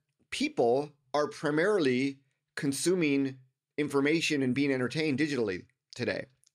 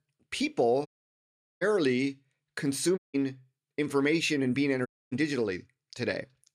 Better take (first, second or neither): first